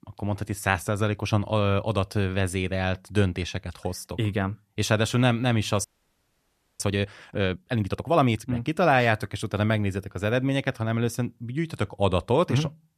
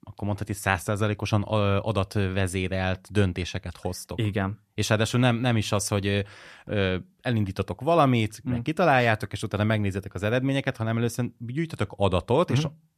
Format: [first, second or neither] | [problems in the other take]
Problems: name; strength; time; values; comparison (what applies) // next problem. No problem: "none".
second | audio freezing; at 6 s for 1 s